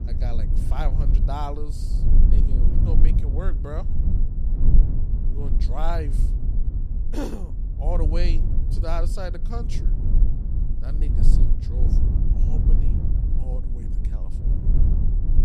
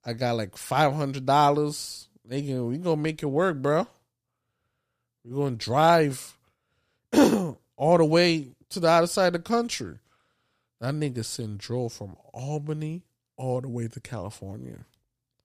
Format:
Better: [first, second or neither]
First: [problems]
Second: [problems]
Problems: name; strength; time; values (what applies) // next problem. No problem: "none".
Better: second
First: low rumble; loud; throughout; 5 dB below the speech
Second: none